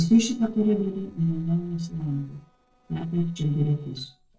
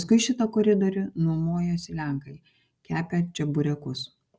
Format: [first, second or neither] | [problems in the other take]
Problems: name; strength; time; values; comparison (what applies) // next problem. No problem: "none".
second | noise reduction (neural separator model SepFormer DNS4)